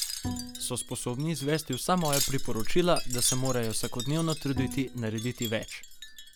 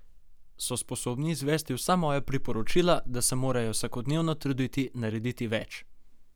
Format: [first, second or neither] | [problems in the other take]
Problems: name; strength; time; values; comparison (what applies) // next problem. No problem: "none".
second | background sound (Wind chime + Bowed string instrument); 8 dB below the speech